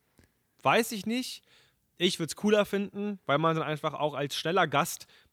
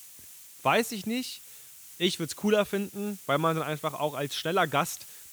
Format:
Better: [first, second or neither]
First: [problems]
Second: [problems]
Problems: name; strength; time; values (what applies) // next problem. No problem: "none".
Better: first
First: none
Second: hiss; noticeable; throughout; 15 dB below the speech